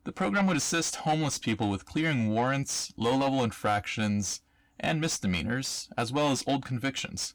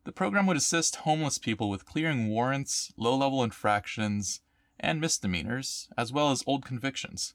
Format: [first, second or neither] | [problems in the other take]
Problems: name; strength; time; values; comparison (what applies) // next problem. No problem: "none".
second | distortion; slight; 10 dB below the speech